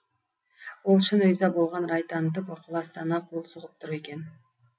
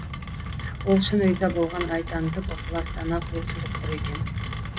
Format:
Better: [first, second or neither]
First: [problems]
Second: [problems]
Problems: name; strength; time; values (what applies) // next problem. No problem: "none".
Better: first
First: none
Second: background sound (Rain); 4 dB below the speech